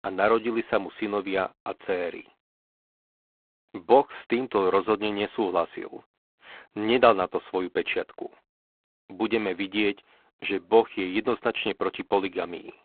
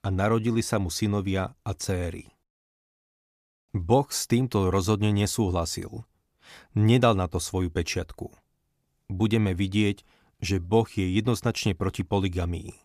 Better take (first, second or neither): second